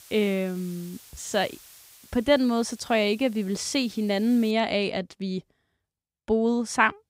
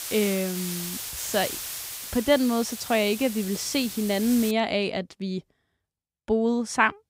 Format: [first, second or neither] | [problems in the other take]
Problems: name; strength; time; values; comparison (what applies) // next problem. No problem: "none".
first | hiss; loud; until 4.5 s; 7 dB below the speech; faint in the first